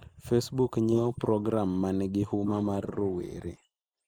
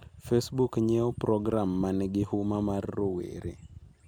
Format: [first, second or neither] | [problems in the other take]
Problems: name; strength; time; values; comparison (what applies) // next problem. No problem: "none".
second | noise reduction (neural mask model Resemble Enhance denoiser)